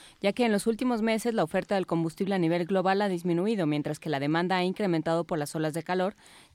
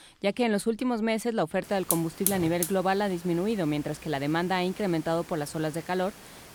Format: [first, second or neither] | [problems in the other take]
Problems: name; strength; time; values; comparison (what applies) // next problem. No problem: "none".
first | hiss; loud; from 1.5 s on; 2 dB below the speech